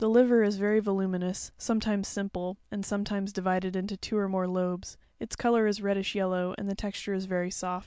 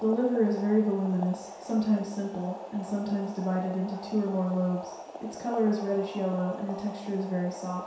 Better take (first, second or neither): first